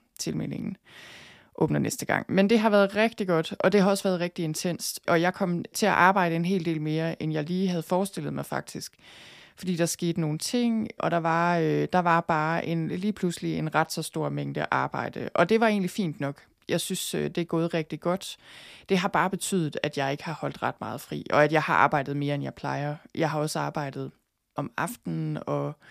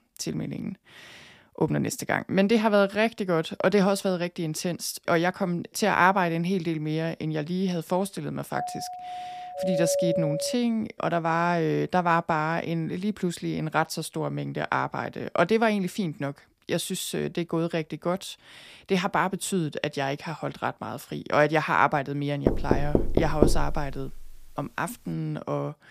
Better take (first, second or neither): first